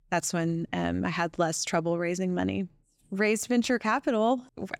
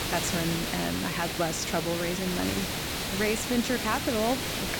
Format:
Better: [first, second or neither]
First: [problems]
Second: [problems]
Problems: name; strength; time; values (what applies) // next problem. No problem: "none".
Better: first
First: none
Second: hiss; loud; throughout; 1 dB below the speech